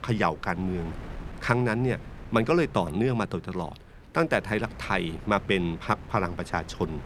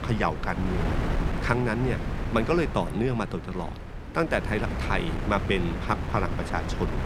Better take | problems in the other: first | wind noise on the microphone; heavy; 7 dB below the speech; occasional gusts in the first

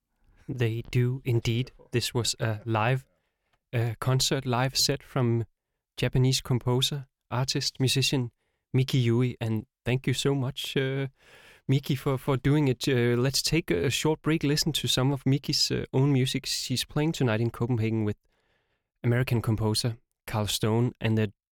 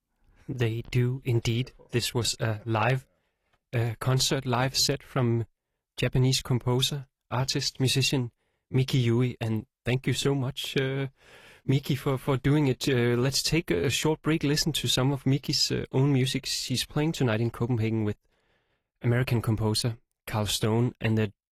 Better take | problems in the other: first | garbled, watery; slightly; nothing above 14.5 kHz

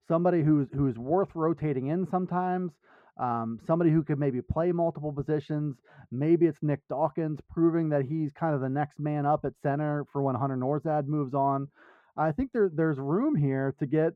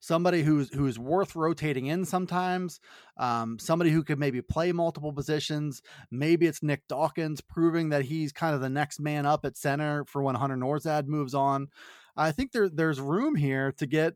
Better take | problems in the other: second | muffled; very; fading above 2.5 kHz

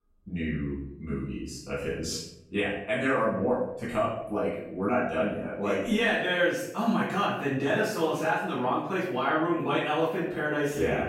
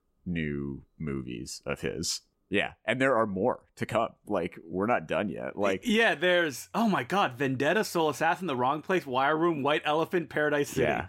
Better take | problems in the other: second | off-mic speech; far // room echo; noticeable; dies away in 0.7 s

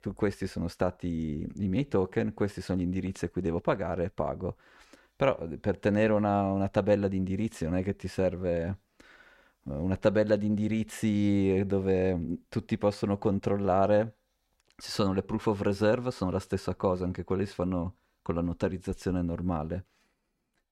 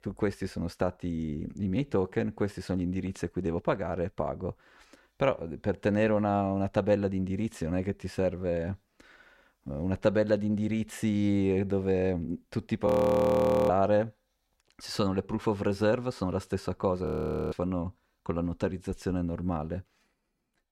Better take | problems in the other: first | audio freezing; at 13 s for 1 s and at 17 s

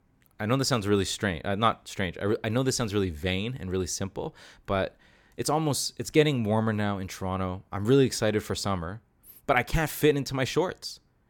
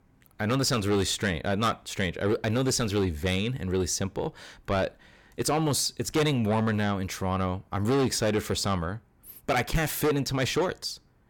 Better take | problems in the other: first | distortion; heavy; 8 dB below the speech

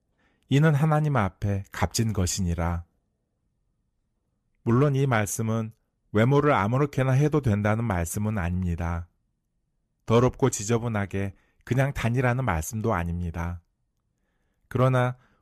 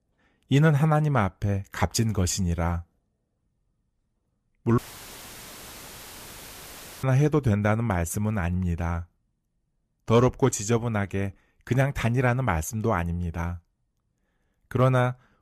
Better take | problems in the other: first | audio cutting out; filled with static; at 5 s for 2.5 s

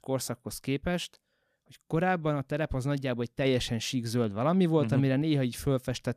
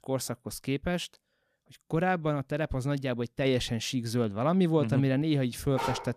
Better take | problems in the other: first | dog barking; noticeable; at 5.5 s; peak 5 dB below the speech

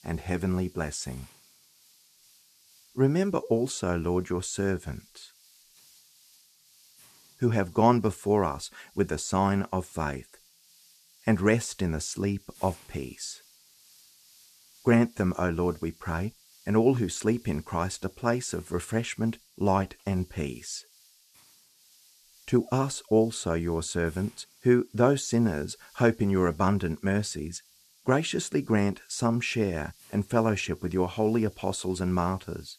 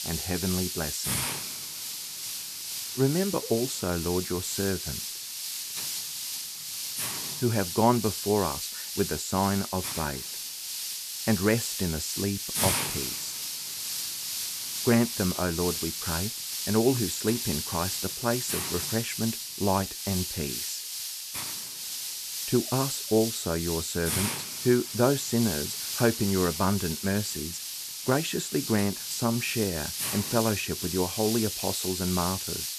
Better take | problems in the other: first | hiss; loud; throughout; 2 dB below the speech; faint in the first

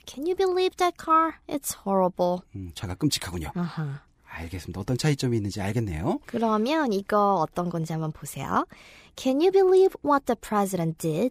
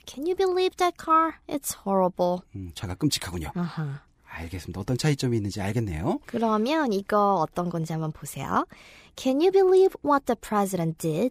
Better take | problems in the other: neither | none

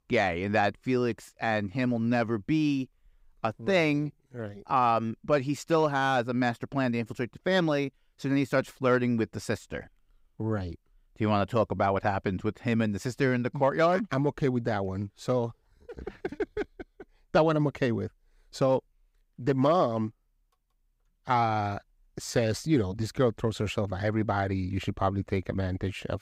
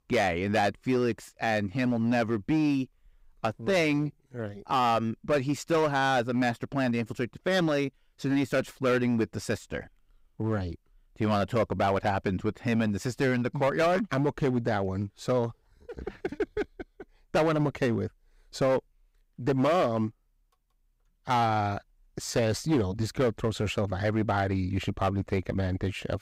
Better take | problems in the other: first | distortion; slight; 6% of the sound clipped

